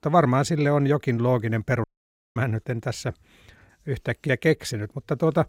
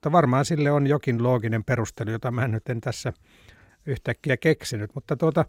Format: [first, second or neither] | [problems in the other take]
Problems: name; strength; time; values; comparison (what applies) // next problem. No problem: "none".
second | audio cutting out; at 2 s for 0.5 s